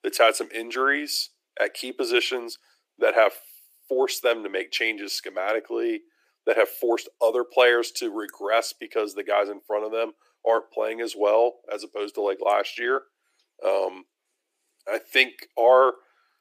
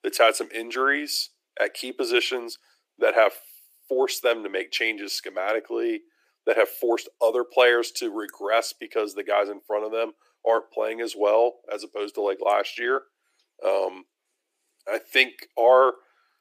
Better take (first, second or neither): neither